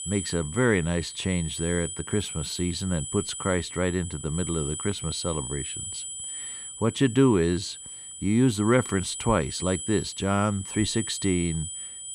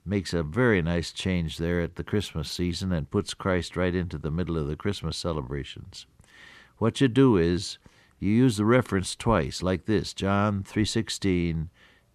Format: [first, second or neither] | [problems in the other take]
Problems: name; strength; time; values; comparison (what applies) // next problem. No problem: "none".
second | high-pitched whine; loud; throughout; 8 kHz, 8 dB below the speech